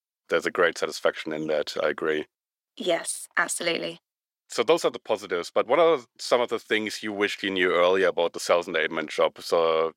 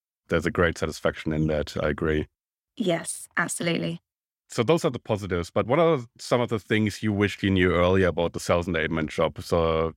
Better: second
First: thin; somewhat; fading below 450 Hz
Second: none

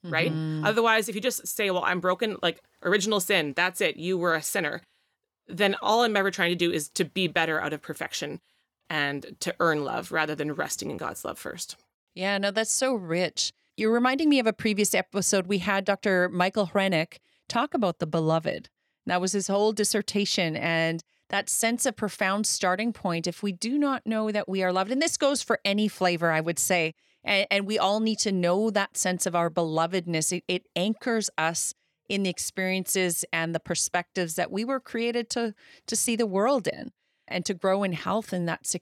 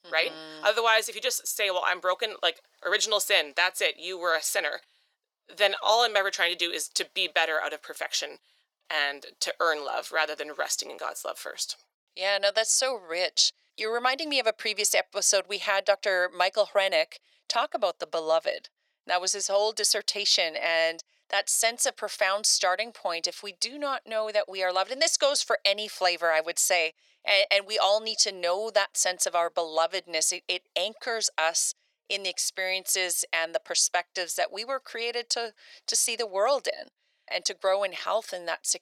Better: first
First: none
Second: thin; very; fading below 500 Hz

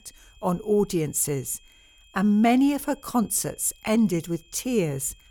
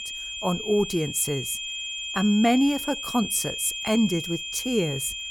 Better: first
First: high-pitched whine; faint; throughout; 3 kHz, 30 dB below the speech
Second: high-pitched whine; loud; throughout; 3 kHz, 5 dB below the speech

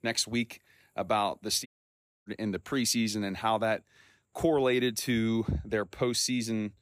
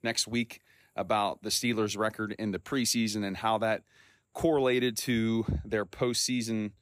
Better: second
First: audio cutting out; at 1.5 s for 0.5 s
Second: none

